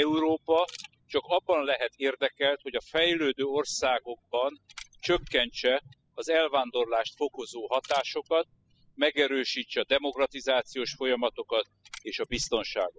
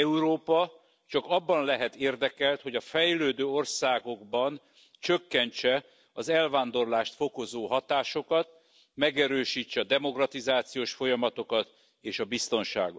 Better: second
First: noise reduction (classical method spectral subtraction)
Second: none

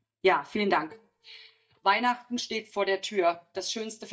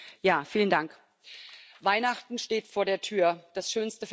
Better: second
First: noise reduction (neural mask model DeepFilterNet 3)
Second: none

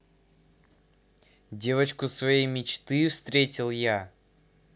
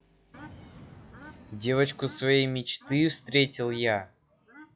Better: first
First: none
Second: noise reduction (classical method log-MMSE)

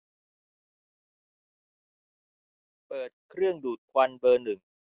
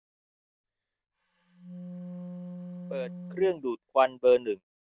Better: first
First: none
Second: background sound (Wind instrument, woodwind instrument); 12 dB below the speech

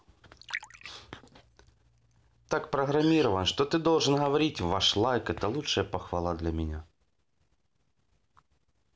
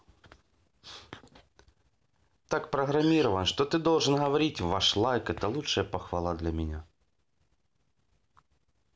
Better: second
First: background sound (Liquid); 19 dB below the speech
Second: none

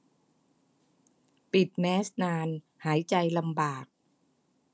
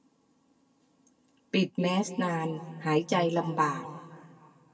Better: first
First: none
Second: room echo; dies away in 1.7 s

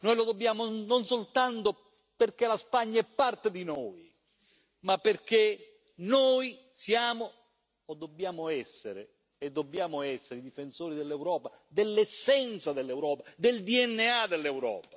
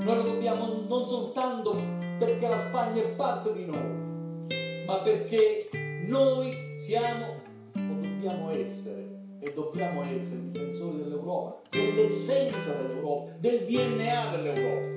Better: first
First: none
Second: background sound (Acoustic guitar); 6 dB below the speech // room echo; dies away in 0.6 s

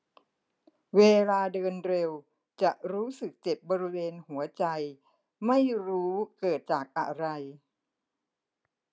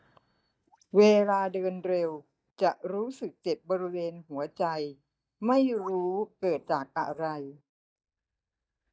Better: first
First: none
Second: noise reduction (neural mask model DeepFilterNet 3)

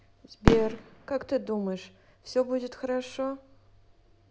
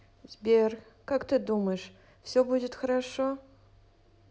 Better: second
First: background sound (Fireworks); 1 dB below the speech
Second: none

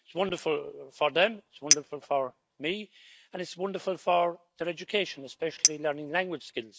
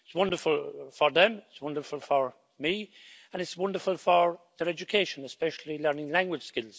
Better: second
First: noise reduction (neural mask model RNNoise)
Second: none

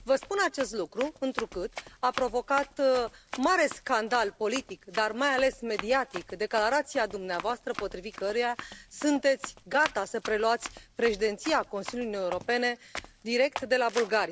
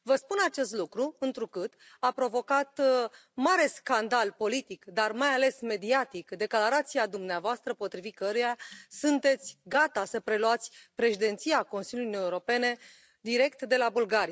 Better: second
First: background sound (Run); 15 dB below the speech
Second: none

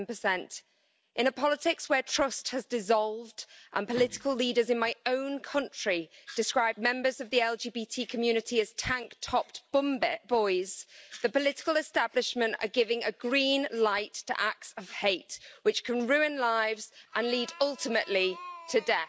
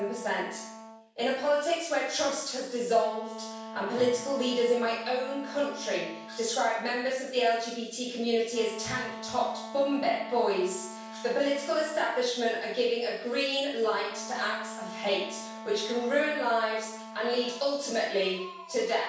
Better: first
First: none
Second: background sound (Wind instrument, woodwind instrument); 14 dB below the speech // room echo; dies away in 0.7 s

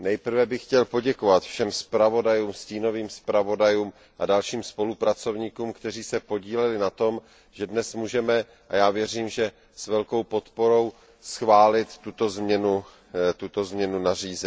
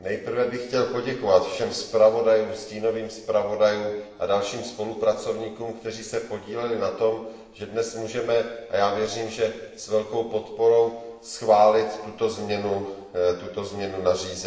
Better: first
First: none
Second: room echo; dies away in 1.2 s

